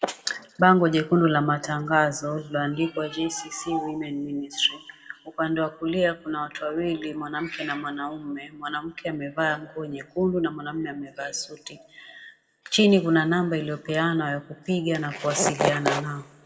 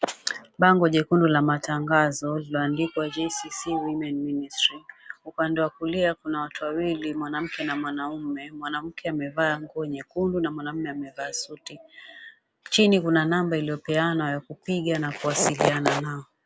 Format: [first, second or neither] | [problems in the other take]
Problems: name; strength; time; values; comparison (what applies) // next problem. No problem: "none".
second | room echo; dies away in 0.6 s